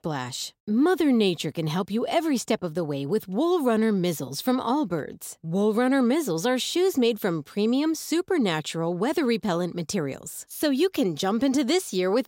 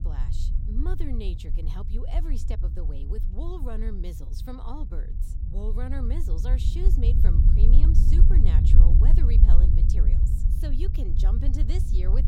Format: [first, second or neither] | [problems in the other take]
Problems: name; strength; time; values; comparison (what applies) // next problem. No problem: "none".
first | low rumble; loud; throughout; 1 dB below the speech